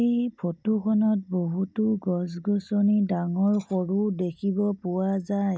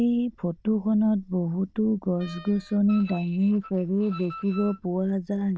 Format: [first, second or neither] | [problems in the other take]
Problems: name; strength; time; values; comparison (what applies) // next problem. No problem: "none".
first | noise reduction (neural diffusion model UNIVERSE++)